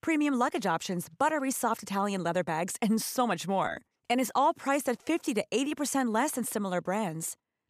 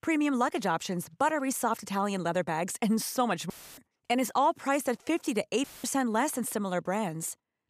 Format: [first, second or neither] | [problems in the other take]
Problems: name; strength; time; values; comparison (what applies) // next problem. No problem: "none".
first | audio cutting out; filled with static; at 3.5 s and at 5.5 s